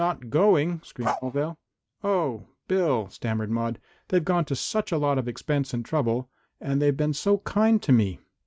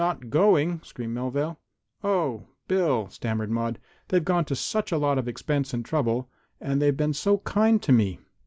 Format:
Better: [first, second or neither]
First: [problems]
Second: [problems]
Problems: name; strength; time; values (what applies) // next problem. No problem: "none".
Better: second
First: noise reduction (neural mask model RNNoise)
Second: none